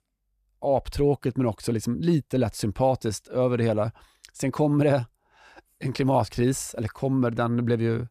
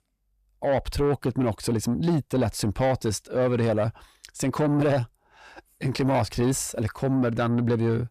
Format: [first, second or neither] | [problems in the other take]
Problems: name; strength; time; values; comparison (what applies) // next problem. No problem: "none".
first | distortion; slight; 10 dB below the speech